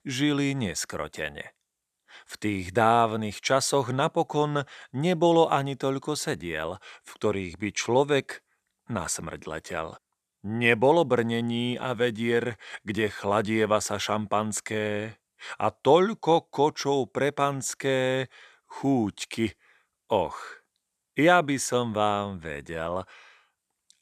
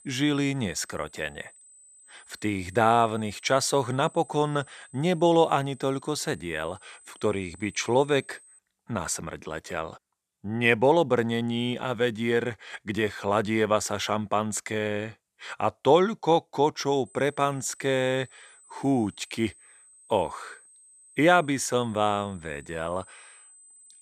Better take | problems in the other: first | high-pitched whine; faint; until 8.5 s and from 17 s on; 8 kHz, 25 dB below the speech

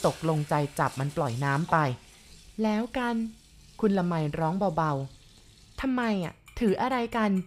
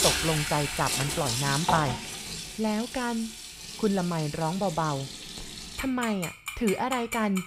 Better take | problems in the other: first | household noises; loud; throughout; 3 dB below the speech; faint in the first

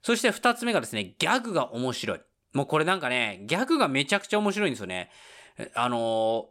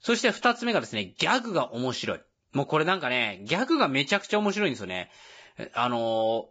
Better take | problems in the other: first | garbled, watery; badly; nothing above 7.5 kHz

